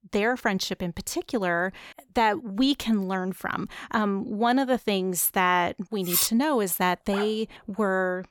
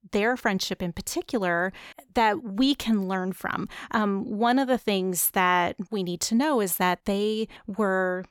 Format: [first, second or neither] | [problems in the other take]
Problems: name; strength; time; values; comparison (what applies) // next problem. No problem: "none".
second | clattering dishes; loud; at 6 s; peak 2 dB above the speech // dog barking; faint; at 7 s; peak 10 dB below the speech